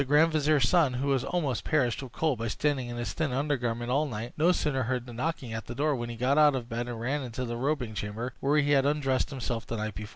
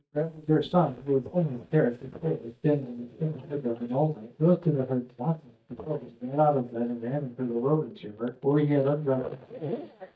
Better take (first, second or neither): first